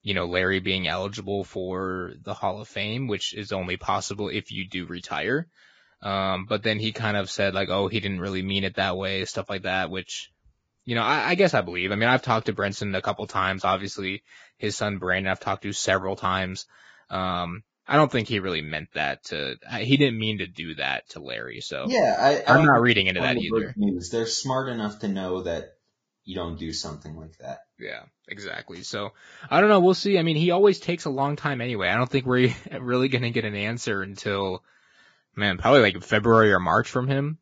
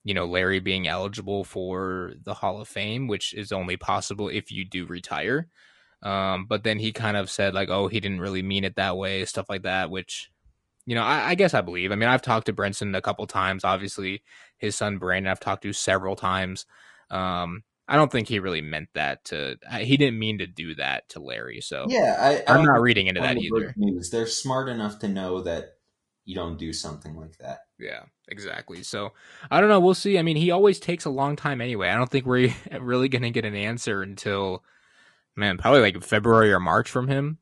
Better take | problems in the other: second | garbled, watery; badly; nothing above 7.5 kHz; slightly in the second

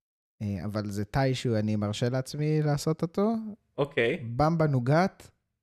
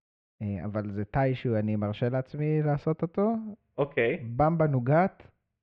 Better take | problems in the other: first | muffled; very; fading above 2.5 kHz

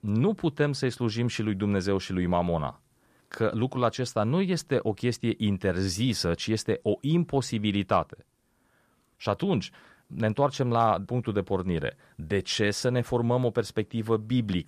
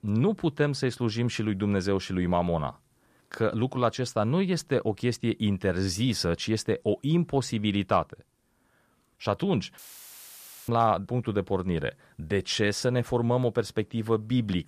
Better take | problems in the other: first | audio cutting out; filled with static; at 10 s for 1 s

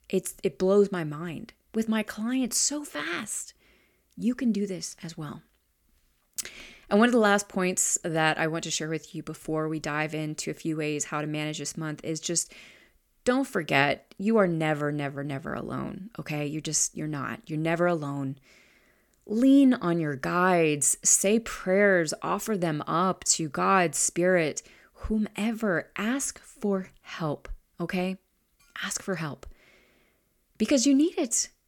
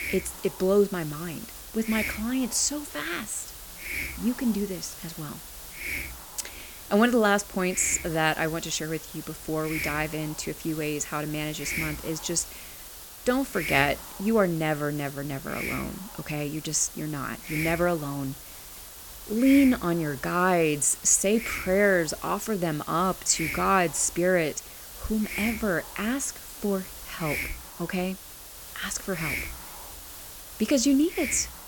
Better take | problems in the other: first | hiss; loud; throughout; 10 dB below the speech

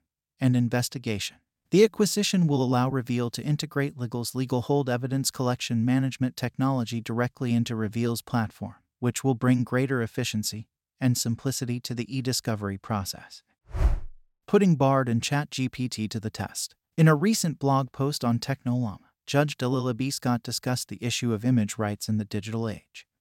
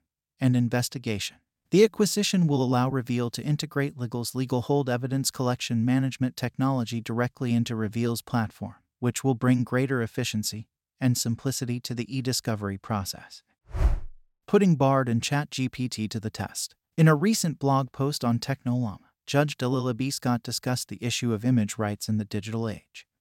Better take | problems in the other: neither | none

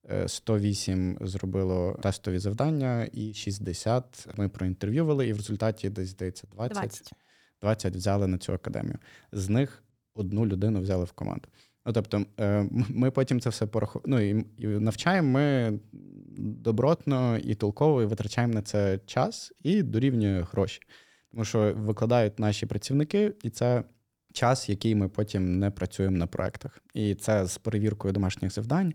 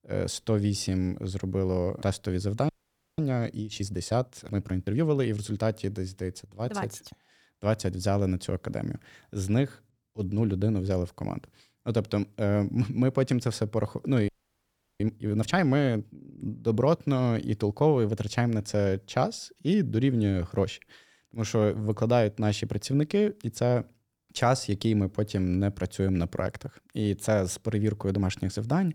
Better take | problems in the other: first | audio freezing; at 2.5 s and at 14 s for 0.5 s

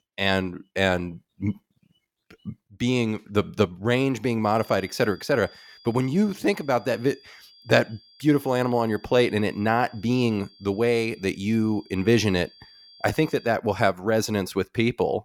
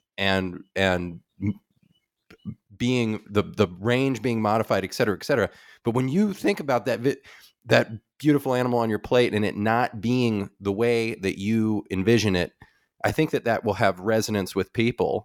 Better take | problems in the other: second | high-pitched whine; faint; from 4.5 to 14 s; 4.5 kHz, 25 dB below the speech

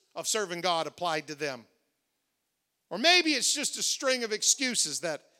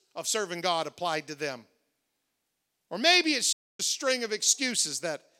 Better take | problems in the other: first | audio cutting out; at 3.5 s

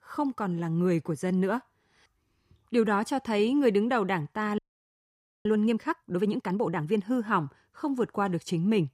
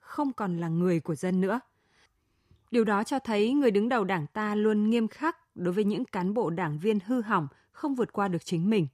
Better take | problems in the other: second | audio freezing; at 4.5 s for 1 s

